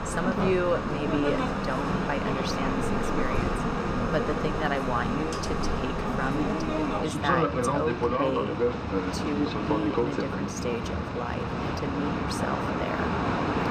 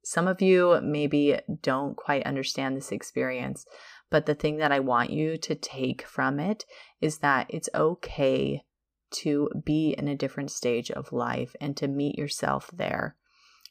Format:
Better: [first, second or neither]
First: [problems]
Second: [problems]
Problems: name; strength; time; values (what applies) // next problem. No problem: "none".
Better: second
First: train or aircraft noise; very loud; throughout; 3 dB above the speech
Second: none